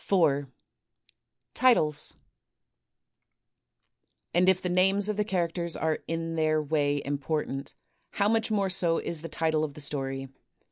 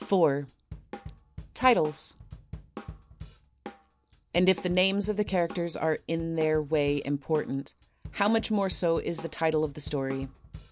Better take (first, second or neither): first